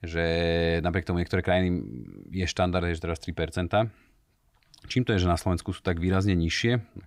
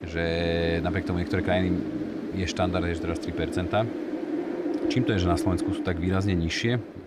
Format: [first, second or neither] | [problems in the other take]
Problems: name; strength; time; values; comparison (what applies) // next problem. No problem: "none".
first | wind noise on the microphone; heavy; 5 dB below the speech